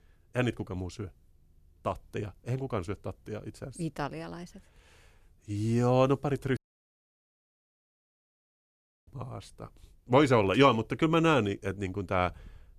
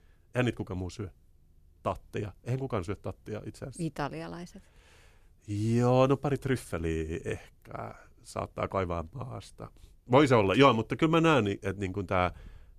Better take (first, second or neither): second